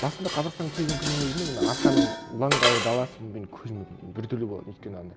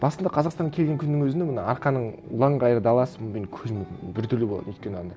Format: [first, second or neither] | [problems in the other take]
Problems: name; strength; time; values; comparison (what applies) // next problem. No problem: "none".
second | background sound (Dishes, pots, and pans); 1 dB above the speech